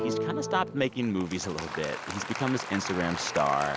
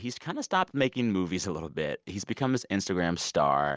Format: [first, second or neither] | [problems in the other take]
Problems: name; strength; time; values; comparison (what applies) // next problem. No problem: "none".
second | background sound (Applause); 5 dB below the speech